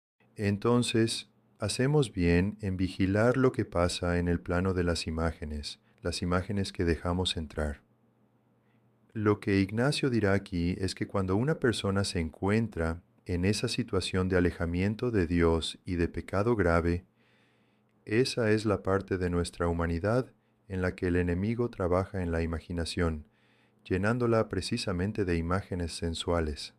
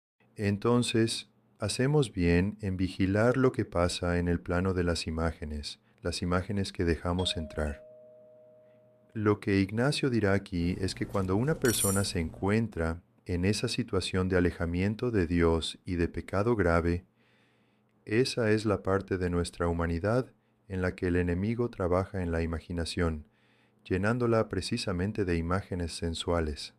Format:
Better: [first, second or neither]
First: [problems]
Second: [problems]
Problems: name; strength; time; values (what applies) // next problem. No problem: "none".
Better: first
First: none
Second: doorbell; faint; from 7 to 9 s; peak 15 dB below the speech // clattering dishes; loud; from 11 to 13 s; peak 1 dB above the speech